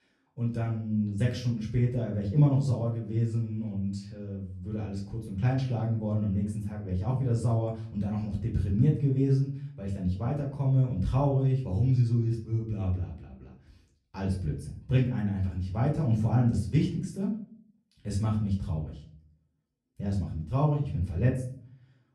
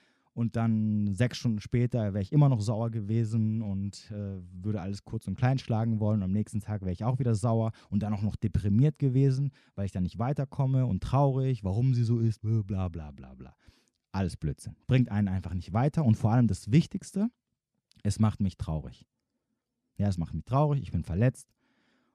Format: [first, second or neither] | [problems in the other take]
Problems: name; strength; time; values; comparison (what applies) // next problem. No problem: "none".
second | room echo; slight; dies away in 0.4 s // off-mic speech; far